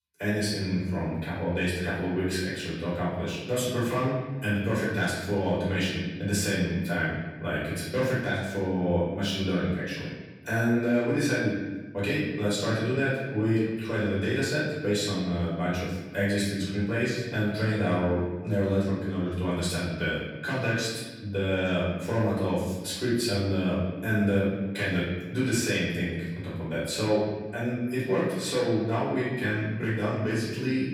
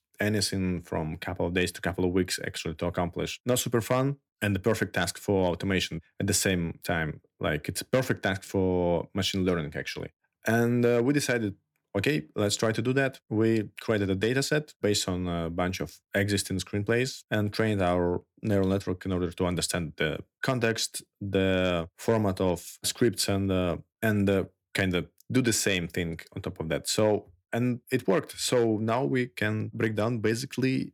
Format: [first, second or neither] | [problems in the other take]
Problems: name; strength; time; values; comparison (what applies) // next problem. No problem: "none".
second | off-mic speech; far // room echo; noticeable; dies away in 1.2 s